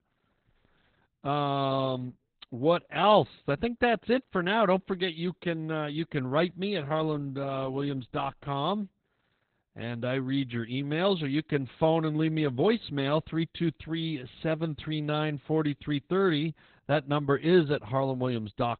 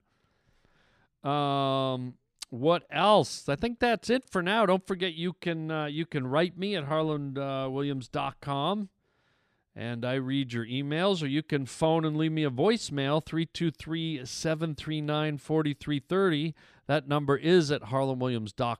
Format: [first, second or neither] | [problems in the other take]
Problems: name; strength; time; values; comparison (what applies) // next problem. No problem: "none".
second | garbled, watery; badly; nothing above 4 kHz